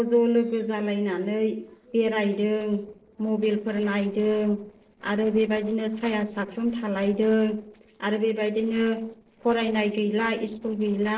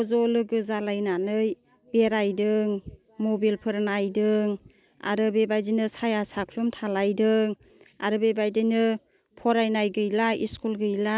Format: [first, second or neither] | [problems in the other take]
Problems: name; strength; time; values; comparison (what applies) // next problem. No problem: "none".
second | noise reduction (neural separator model SepFormer DNS4)